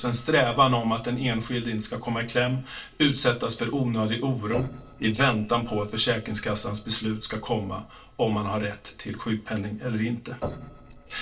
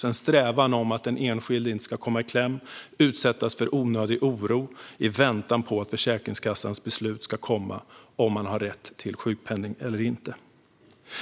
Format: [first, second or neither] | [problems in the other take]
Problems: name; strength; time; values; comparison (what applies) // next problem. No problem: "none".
second | noise reduction (neural separator model SepFormer DNS4)